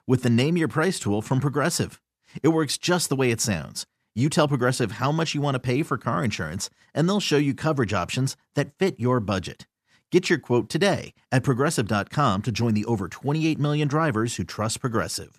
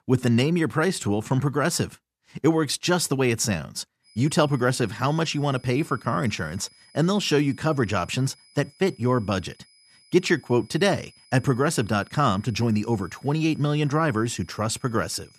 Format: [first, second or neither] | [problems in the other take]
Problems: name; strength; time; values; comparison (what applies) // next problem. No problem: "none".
first | high-pitched whine; faint; from 4 s on; 5 kHz, 30 dB below the speech